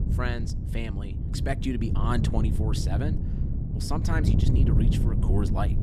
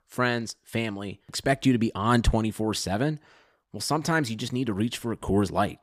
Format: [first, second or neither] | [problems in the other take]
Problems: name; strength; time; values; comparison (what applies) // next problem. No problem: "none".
second | wind noise on the microphone; heavy; 4 dB below the speech